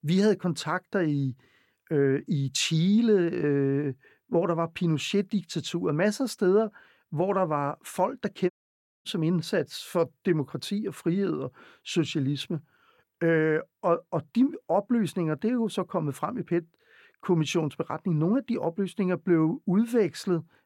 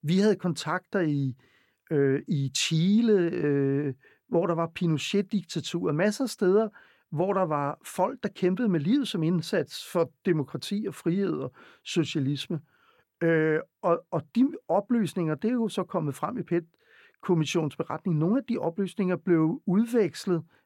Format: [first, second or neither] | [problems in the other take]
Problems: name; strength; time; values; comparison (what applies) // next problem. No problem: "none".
second | audio cutting out; at 8.5 s for 0.5 s